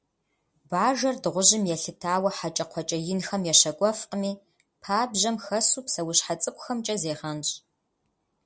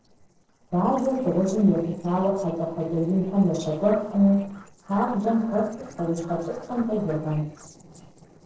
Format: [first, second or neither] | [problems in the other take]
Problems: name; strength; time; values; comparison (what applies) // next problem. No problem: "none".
first | noise reduction (neural separator model SepFormer DNS4)